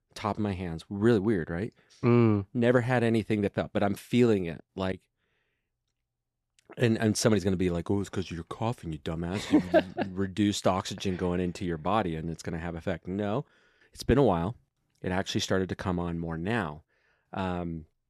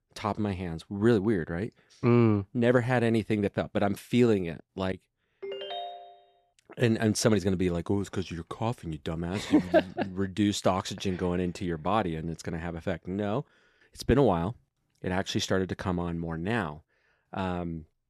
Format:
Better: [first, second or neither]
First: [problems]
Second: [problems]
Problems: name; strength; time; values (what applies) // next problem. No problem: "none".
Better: first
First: none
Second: phone ringing; noticeable; at 5.5 s; peak 8 dB below the speech